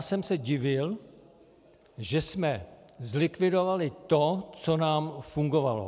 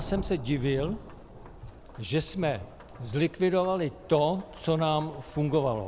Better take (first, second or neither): first